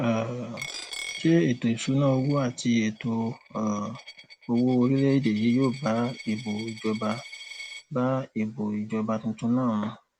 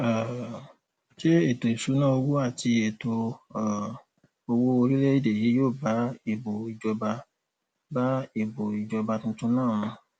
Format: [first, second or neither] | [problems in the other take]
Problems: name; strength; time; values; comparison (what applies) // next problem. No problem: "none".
second | background sound (Coin (dropping)); 18 dB below the speech